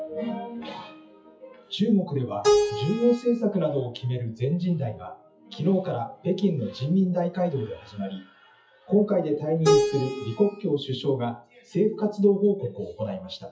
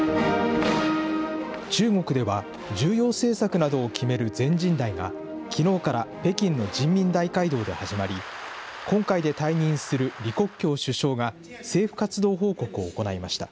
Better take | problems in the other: second | noise reduction (classical method WPE with log-MMSE)

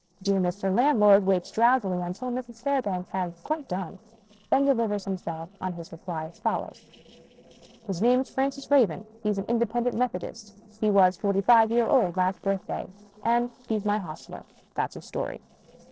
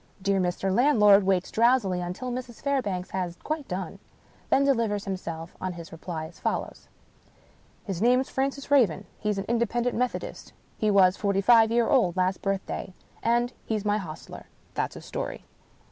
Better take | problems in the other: second | noise reduction (neural separator model SepFormer DNS4)

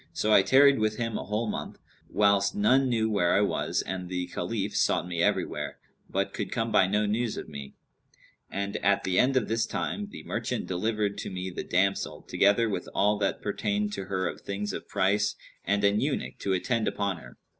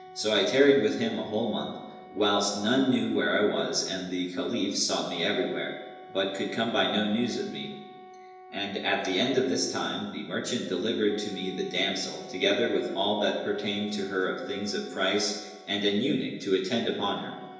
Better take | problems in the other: first | background sound (Wind instrument, woodwind instrument); 20 dB below the speech // room echo; dies away in 1 s

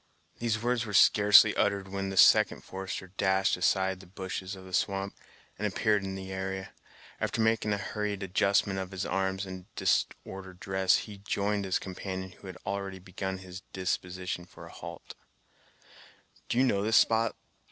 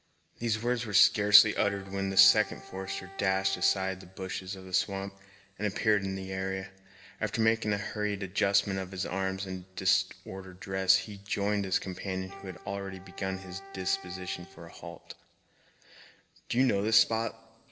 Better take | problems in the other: first | background sound (Wind instrument, woodwind instrument); 18 dB below the speech // room echo; dies away in 0.8 s

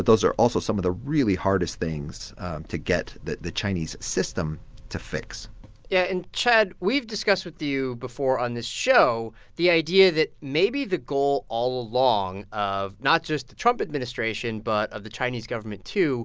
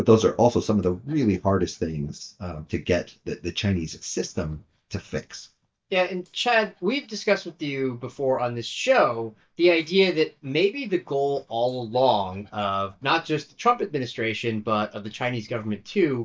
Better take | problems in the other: first | noise reduction (neural mask model DeepFilterNet 3)

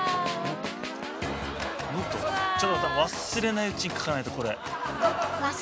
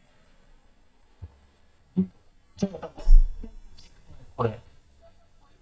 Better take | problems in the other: first | noise reduction (neural mask model DeepFilterNet 3)

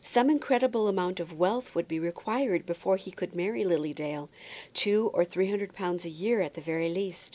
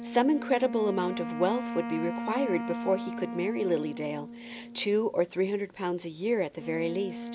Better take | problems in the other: first | background sound (Wind instrument, woodwind instrument); 8 dB below the speech

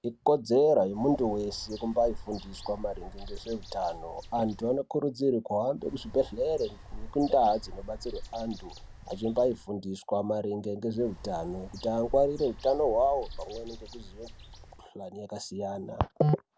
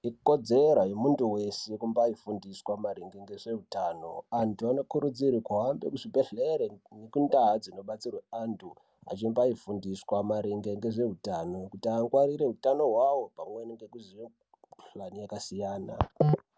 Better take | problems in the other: second | background sound (Bird); 14 dB below the speech

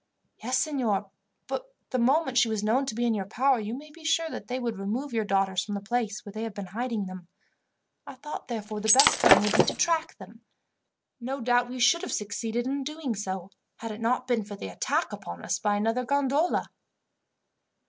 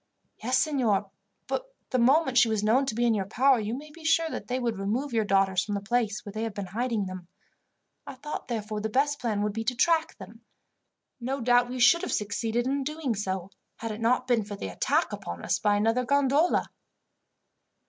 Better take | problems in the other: second | background sound (Shatter); 5 dB above the speech

